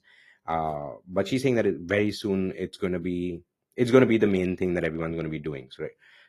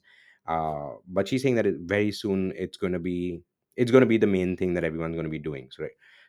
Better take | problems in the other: second | garbled, watery; slightly

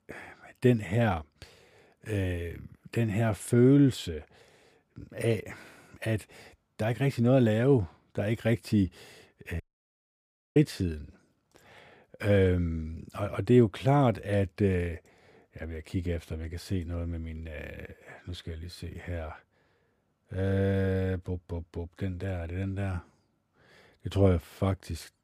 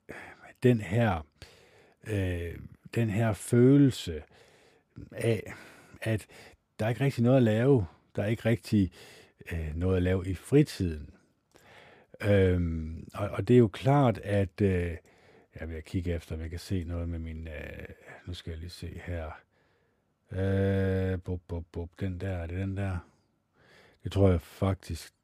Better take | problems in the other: second | audio cutting out; at 9.5 s for 1 s

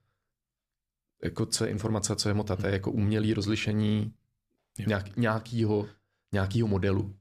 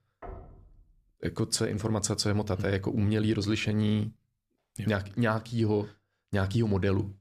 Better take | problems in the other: first | door banging; faint; at the start; peak 15 dB below the speech

